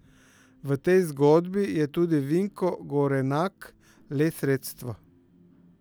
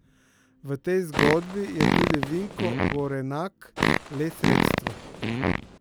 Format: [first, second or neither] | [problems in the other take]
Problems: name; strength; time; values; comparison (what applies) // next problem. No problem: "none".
first | background sound (Fart); 4 dB above the speech